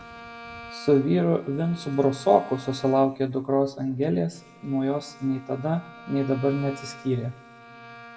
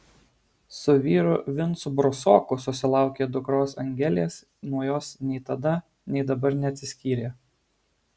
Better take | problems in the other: second | background sound (Bowed string instrument); 19 dB below the speech // room echo; dies away in 1.2 s

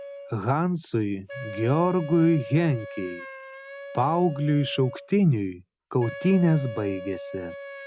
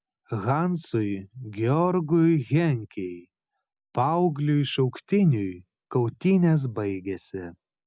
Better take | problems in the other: second | background sound (Wind instrument, woodwind instrument); 14 dB below the speech

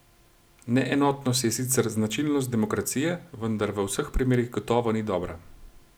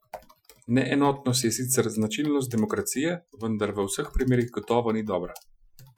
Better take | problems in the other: first | noise reduction (classical method Wiener filter)

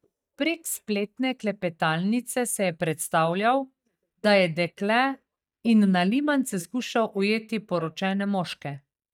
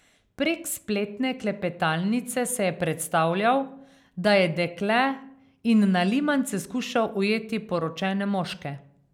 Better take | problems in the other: second | noise reduction (neural mask model DeepFilterNet 3)

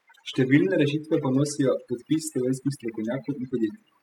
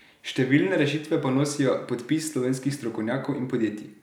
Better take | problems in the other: second | noise reduction (classical method spectral subtraction)

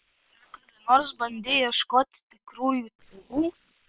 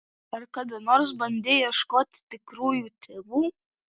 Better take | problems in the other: second | noise reduction (neural separator model SepFormer WHAM!)

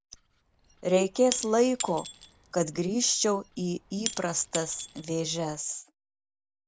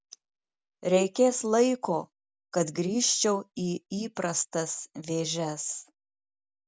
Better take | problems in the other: second | background sound (Shatter / Crushing); 12 dB below the speech

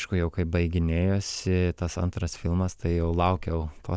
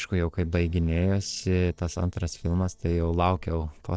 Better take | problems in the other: first | noise reduction (neural separator model SepFormer DNS4)

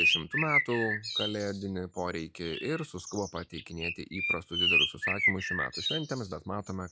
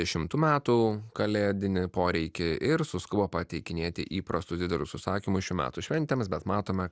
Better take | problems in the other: second | noise reduction (classical method log-MMSE)

